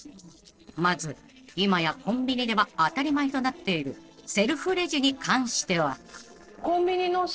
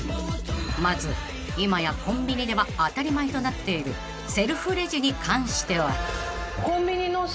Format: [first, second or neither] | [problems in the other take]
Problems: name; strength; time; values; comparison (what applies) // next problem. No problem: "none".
second | noise reduction (neural separator model SepFormer DNS4)